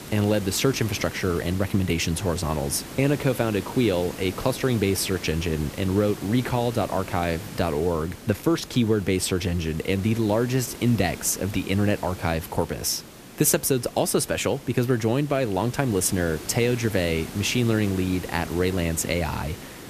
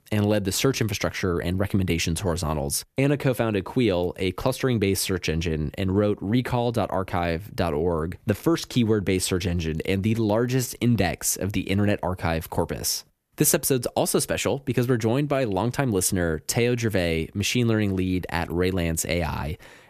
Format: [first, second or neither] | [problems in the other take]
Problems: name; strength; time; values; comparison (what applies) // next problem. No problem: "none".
second | hiss; noticeable; throughout; 15 dB below the speech